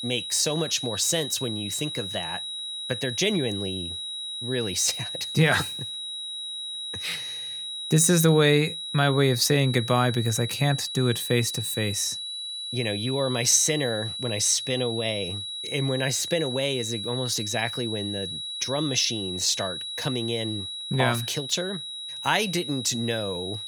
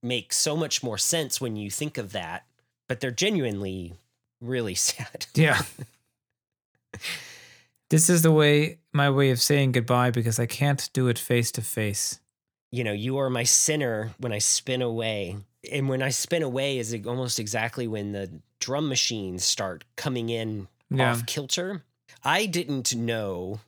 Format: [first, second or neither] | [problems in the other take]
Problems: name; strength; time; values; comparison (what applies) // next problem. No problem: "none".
second | high-pitched whine; loud; throughout; 4 kHz, 6 dB below the speech